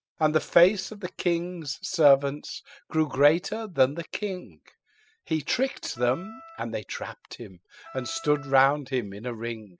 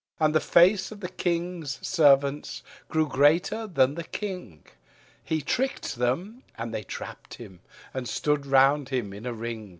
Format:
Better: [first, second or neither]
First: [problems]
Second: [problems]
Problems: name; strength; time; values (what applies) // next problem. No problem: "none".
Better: second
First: noise reduction (classical method spectral subtraction)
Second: none